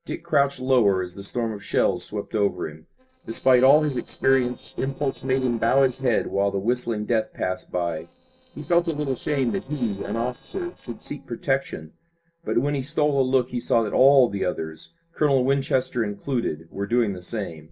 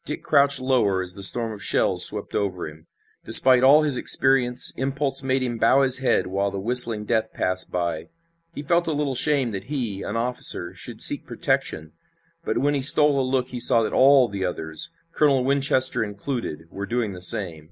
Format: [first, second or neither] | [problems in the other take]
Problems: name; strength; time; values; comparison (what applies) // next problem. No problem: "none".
second | noise reduction (neural separator model SepFormer DNS4)